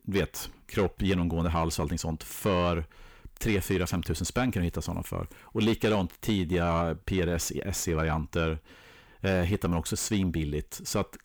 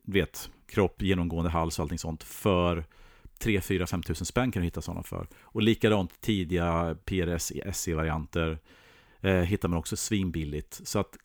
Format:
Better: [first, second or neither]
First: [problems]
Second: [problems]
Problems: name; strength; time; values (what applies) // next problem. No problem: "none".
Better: second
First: distortion; slight; 9 dB below the speech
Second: none